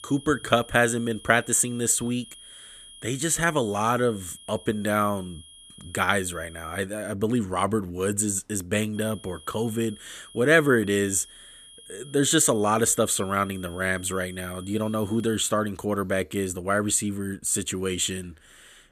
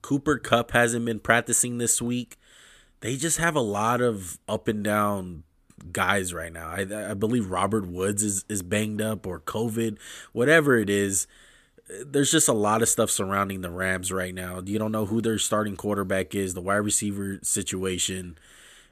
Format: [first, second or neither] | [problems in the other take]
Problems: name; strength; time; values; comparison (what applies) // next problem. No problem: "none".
second | high-pitched whine; faint; until 7 s and from 9 to 15 s; 3.5 kHz, 20 dB below the speech